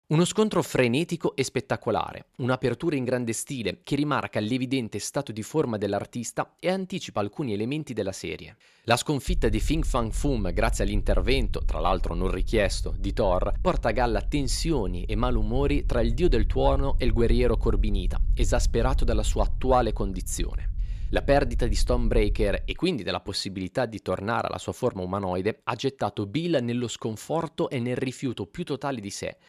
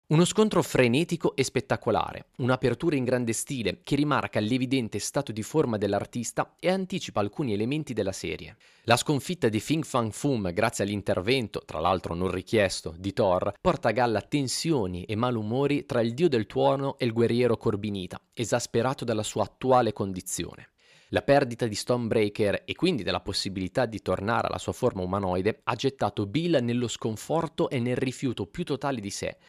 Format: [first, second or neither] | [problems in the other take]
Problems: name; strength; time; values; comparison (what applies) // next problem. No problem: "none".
second | low rumble; faint; from 9.5 to 23 s; 25 dB below the speech